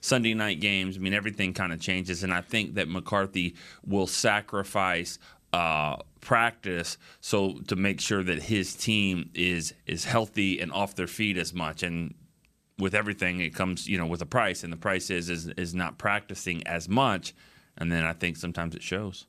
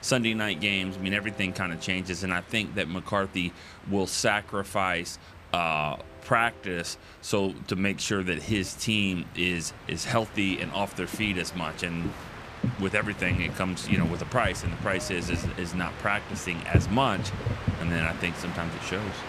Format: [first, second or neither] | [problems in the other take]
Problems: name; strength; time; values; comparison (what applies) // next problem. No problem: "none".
first | train or aircraft noise; loud; throughout; 7 dB below the speech